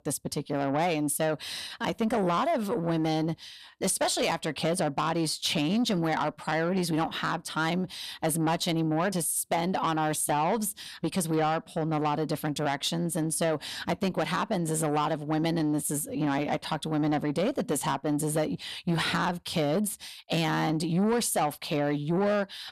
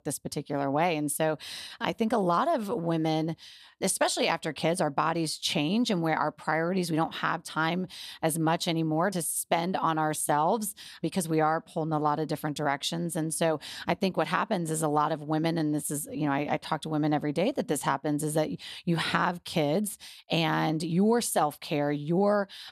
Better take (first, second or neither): second